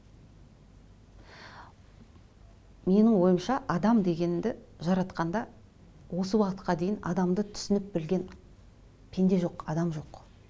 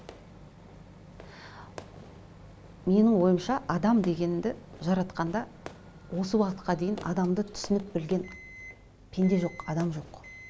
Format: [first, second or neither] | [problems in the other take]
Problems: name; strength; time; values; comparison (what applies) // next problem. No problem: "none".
first | background sound (Microwave oven + Fireworks); 19 dB below the speech